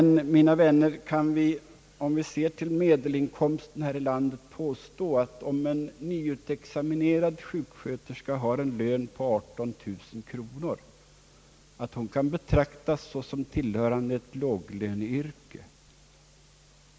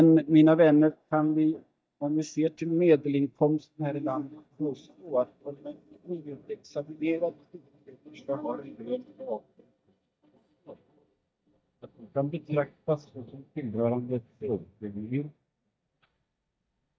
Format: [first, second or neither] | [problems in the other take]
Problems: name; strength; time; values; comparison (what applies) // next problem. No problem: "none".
first | noise reduction (neural mask model DeepFilterNet 3)